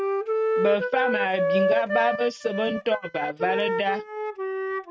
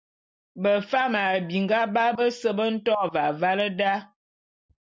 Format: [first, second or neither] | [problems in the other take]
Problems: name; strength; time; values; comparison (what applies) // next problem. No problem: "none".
second | noise reduction (neural mask model RNNoise)